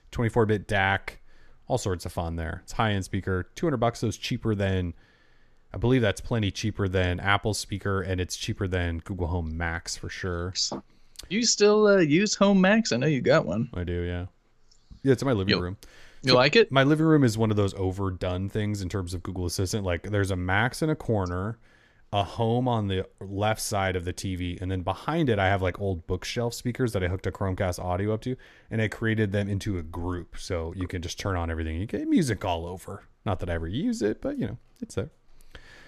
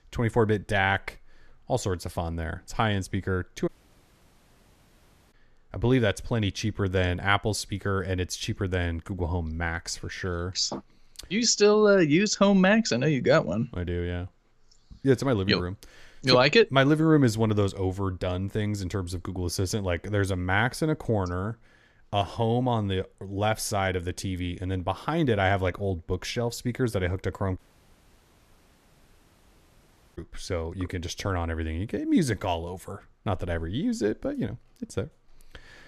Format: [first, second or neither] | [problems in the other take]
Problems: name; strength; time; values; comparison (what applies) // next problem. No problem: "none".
first | audio cutting out; at 3.5 s for 1.5 s and at 28 s for 2.5 s